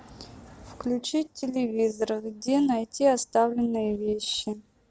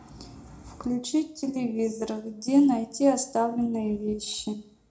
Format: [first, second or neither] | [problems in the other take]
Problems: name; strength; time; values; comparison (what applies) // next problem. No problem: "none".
first | room echo; dies away in 0.3 s